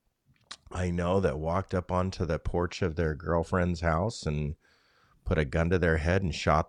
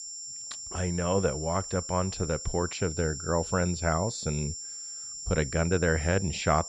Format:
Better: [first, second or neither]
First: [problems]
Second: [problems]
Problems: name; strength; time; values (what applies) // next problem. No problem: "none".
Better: first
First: none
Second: high-pitched whine; loud; throughout; 7.5 kHz, 7 dB below the speech